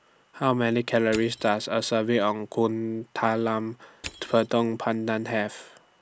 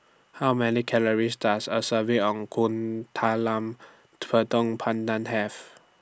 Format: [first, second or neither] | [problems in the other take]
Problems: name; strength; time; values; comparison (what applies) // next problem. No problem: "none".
second | background sound (Crushing); 20 dB below the speech